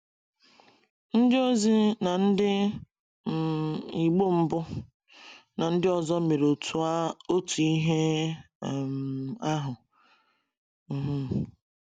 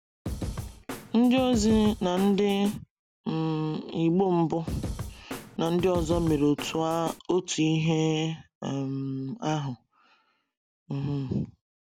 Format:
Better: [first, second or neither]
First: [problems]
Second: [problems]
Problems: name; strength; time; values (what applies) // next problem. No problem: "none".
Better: first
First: none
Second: background sound (Snare drum / Drum kit); 9 dB below the speech